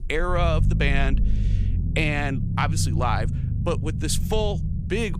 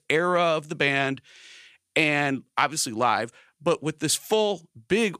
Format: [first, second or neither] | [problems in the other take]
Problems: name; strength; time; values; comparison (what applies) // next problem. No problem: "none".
second | low rumble; noticeable; throughout; 10 dB below the speech